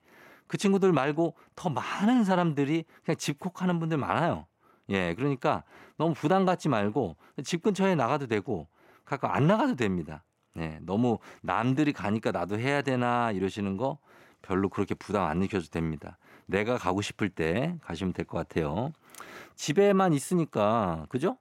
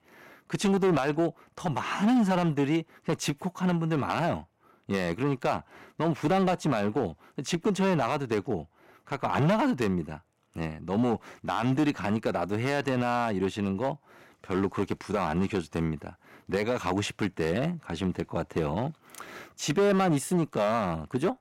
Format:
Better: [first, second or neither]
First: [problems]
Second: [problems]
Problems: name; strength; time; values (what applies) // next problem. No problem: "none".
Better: first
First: none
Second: distortion; slight; 5% of the sound clipped